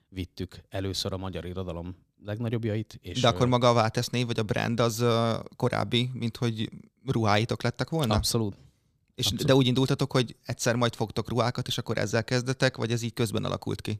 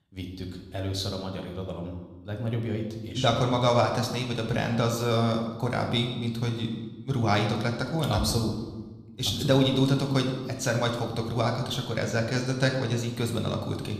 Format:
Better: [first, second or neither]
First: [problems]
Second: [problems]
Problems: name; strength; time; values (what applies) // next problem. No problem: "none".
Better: first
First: none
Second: room echo; slight; dies away in 1 s